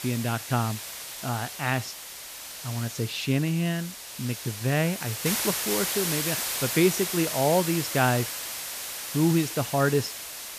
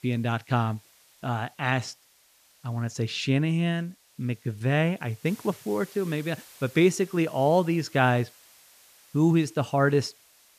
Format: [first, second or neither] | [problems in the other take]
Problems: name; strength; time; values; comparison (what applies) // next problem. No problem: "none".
second | hiss; loud; throughout; 4 dB below the speech; faint in the second